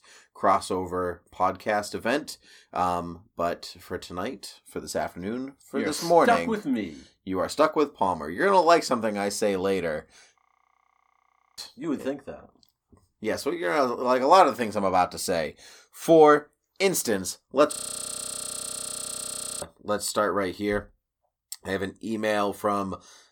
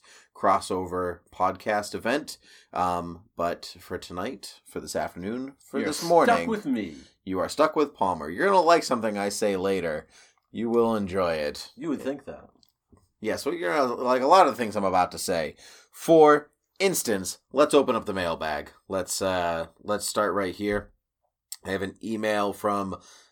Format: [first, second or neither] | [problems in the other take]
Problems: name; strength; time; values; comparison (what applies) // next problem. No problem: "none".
second | audio freezing; at 10 s for 1 s and at 18 s for 2 s